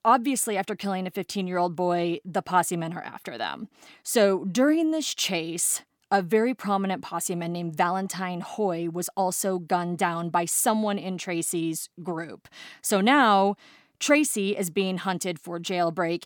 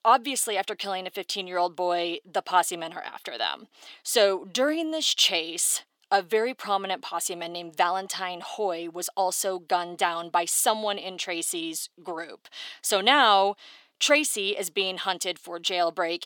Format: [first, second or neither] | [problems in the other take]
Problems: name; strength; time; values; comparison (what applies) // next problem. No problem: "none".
first | thin; somewhat; fading below 500 Hz